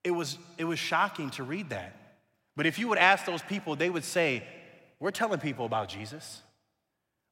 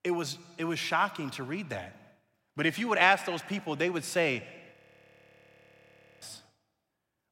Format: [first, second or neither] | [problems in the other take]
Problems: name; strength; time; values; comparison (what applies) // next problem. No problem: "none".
first | audio freezing; at 4.5 s for 1.5 s